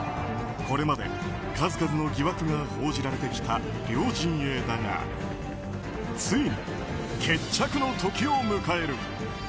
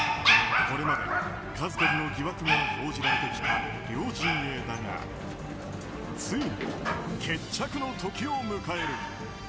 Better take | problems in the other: first | background sound (Dog); 2 dB above the speech

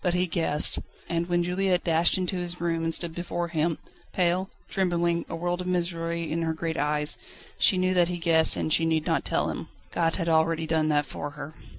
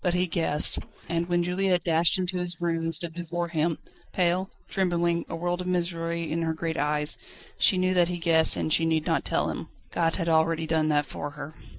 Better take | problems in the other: first | noise reduction (neural mask model Resemble Enhance denoiser)

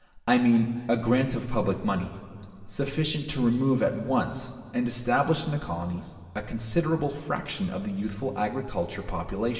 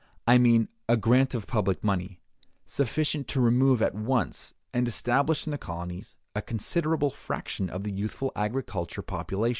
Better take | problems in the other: second | room echo; dies away in 2.9 s

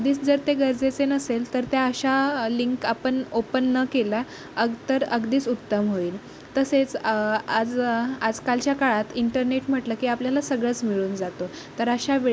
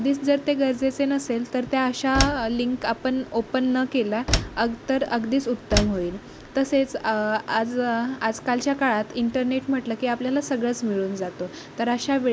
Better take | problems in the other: first | background sound (Slam); 6 dB below the speech

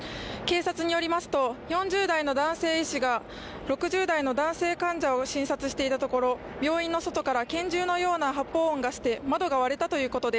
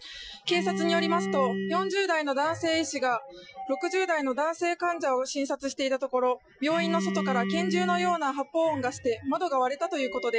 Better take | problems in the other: first | noise reduction (classical method Wiener filter)

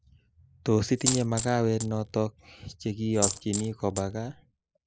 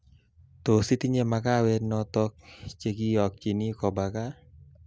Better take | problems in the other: second | noise reduction (neural mask model Resemble Enhance denoiser)

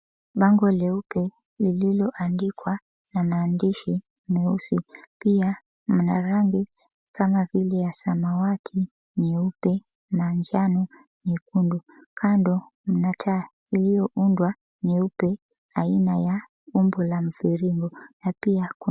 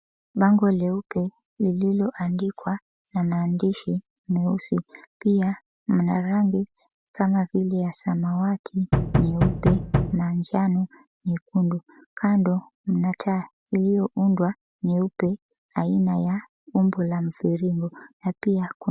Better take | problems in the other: first | background sound (Knock); 1 dB above the speech

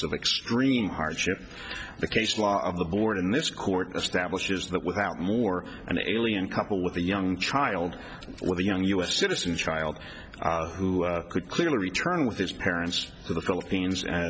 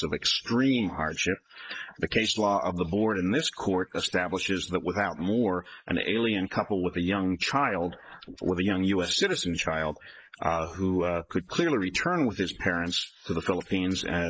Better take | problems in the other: first | noise reduction (neural mask model Resemble Enhance denoiser)

